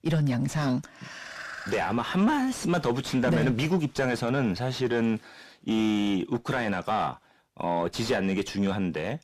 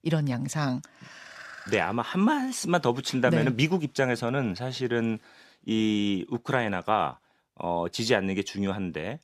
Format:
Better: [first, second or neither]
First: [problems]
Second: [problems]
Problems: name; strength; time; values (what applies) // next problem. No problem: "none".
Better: second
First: distortion; heavy; 7 dB below the speech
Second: none